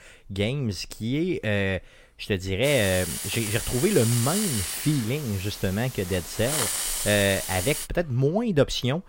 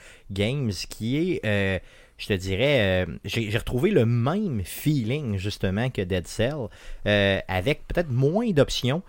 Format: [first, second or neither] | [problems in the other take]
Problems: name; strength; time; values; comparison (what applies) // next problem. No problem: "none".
second | hiss; loud; from 2.5 to 8 s; 4 dB below the speech